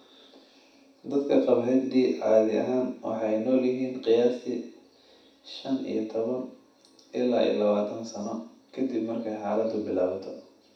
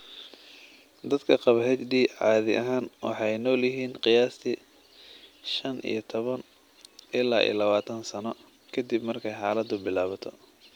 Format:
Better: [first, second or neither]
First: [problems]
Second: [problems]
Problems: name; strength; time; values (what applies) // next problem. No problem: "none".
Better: second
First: room echo; dies away in 0.7 s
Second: none